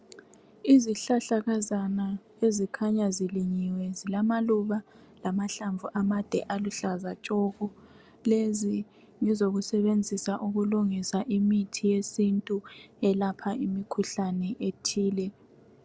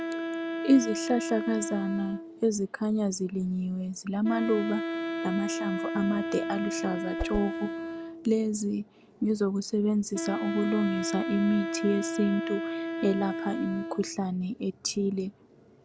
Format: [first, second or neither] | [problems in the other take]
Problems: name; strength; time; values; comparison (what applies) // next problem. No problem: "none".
first | background sound (Wind instrument, woodwind instrument + Whoosh, swoosh, swish); 5 dB below the speech